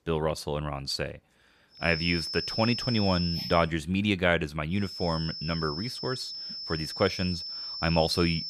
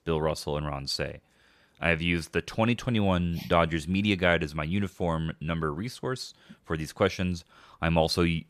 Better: second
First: high-pitched whine; loud; from 2 to 3.5 s and from 5 s on; 5 kHz, 5 dB below the speech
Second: none

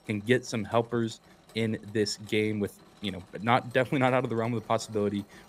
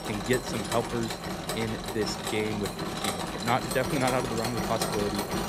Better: first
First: machinery noise; faint; throughout; 25 dB below the speech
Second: machinery noise; loud; throughout; 1 dB below the speech

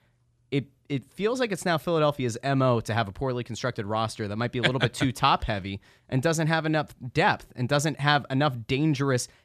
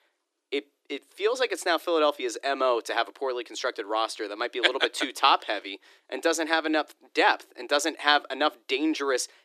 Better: first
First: none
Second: thin; very; fading below 300 Hz

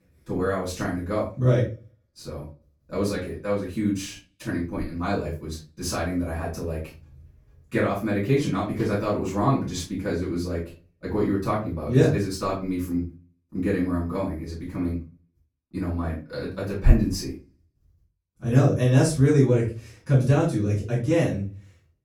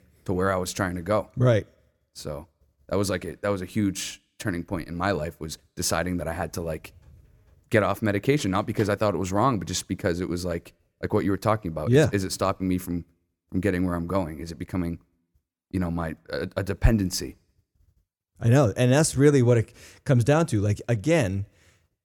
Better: second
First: off-mic speech; far // room echo; slight; dies away in 0.3 s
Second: none

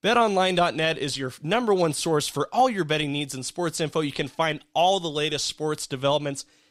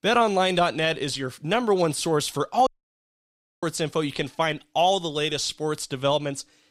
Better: first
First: none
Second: audio cutting out; at 2.5 s for 1 s

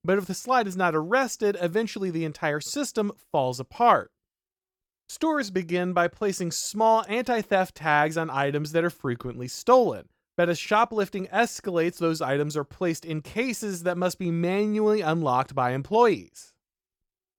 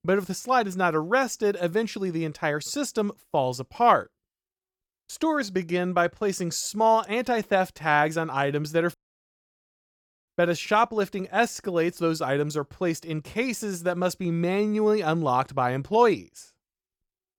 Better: first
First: none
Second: audio cutting out; at 9 s for 1.5 s

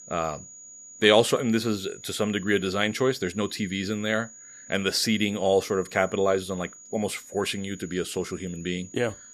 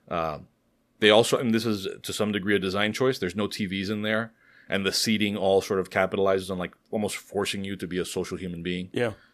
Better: second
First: high-pitched whine; noticeable; throughout; 7 kHz, 20 dB below the speech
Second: none

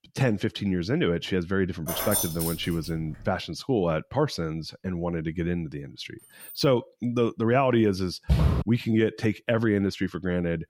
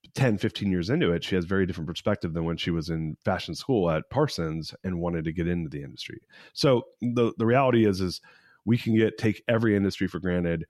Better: second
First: jangling keys; loud; from 2 to 3.5 s; peak 1 dB above the speech // jangling keys; faint; at 6 s; peak 15 dB below the speech // footsteps; loud; at 8.5 s; peak 3 dB above the speech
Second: none

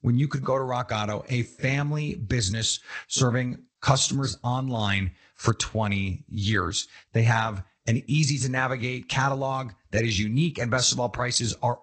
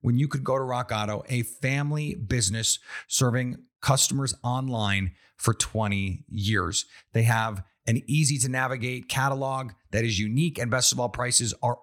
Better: second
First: garbled, watery; slightly; nothing above 8 kHz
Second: none

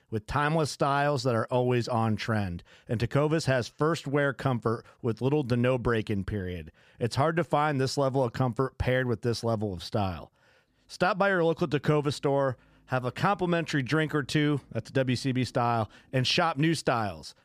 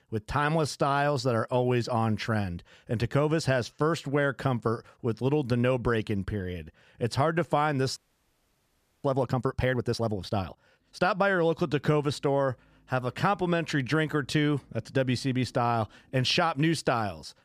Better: first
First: none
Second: audio freezing; at 8 s for 1 s

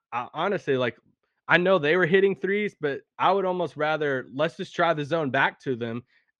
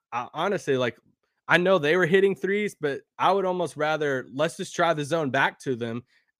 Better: second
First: muffled; slightly; fading above 3 kHz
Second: none

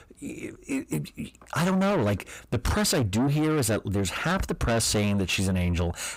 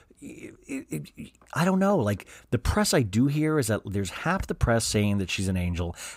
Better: second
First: distortion; heavy; 7 dB below the speech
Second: none

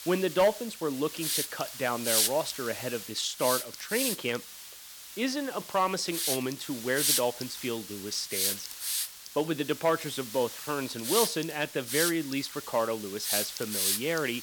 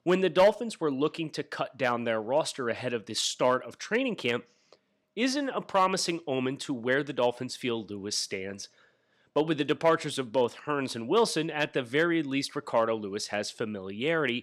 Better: second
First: hiss; loud; throughout; as loud as the speech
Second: none

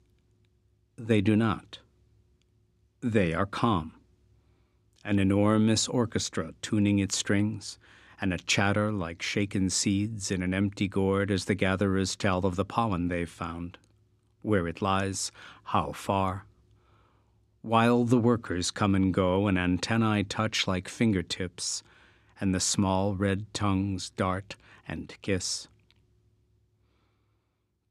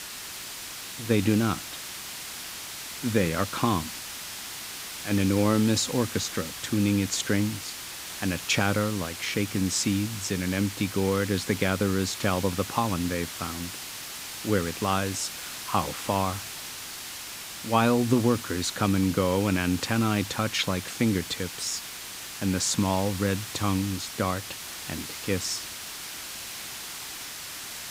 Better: first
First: none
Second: hiss; loud; throughout; 8 dB below the speech

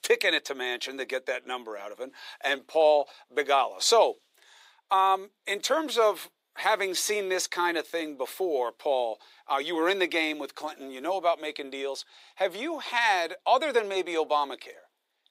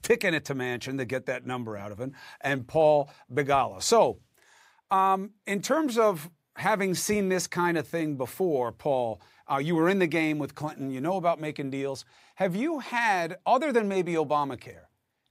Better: second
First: thin; somewhat; fading below 350 Hz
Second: none

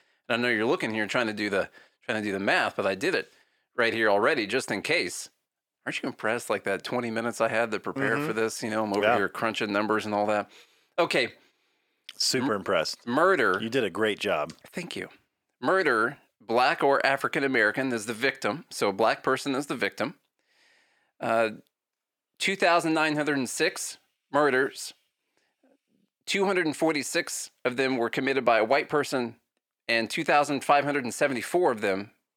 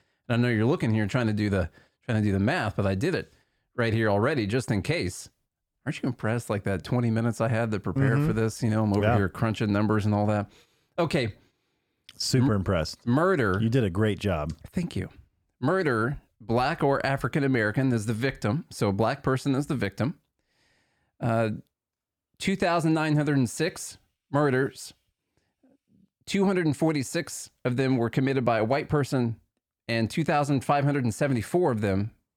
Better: second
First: thin; somewhat; fading below 400 Hz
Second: none

